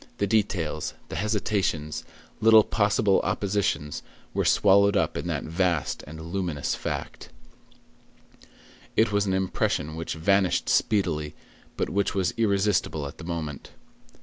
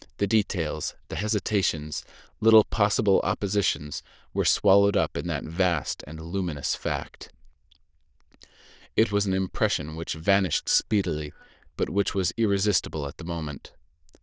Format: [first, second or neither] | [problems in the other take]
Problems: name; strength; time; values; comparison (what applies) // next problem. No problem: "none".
first | noise reduction (neural diffusion model UNIVERSE++)